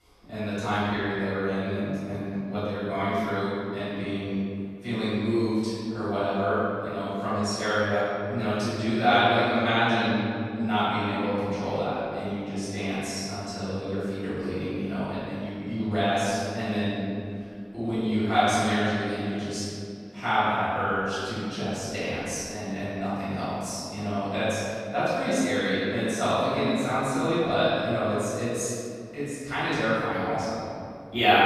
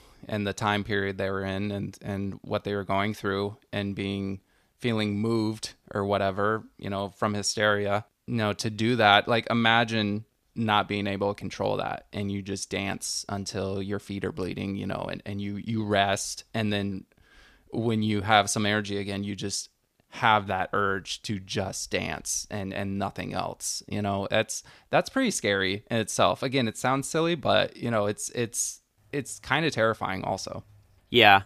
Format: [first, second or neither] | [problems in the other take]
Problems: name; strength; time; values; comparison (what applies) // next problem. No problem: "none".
second | off-mic speech; far // room echo; strong; dies away in 2.3 s